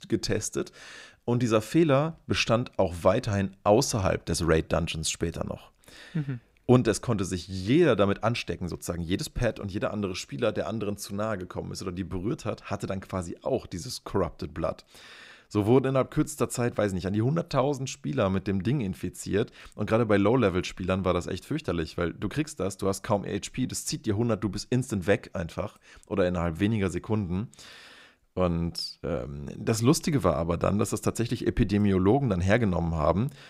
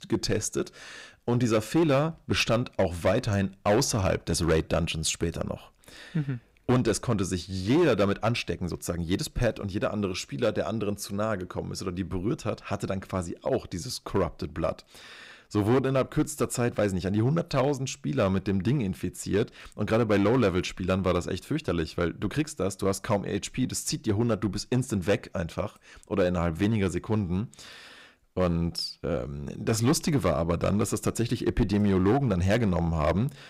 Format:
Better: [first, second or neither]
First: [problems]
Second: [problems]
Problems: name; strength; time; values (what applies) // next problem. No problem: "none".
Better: first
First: none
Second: distortion; slight; 4% of the sound clipped